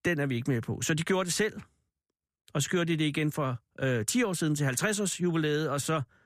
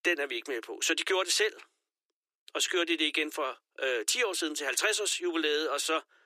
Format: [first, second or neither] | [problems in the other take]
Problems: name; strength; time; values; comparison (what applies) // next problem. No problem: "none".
first | thin; very; fading below 300 Hz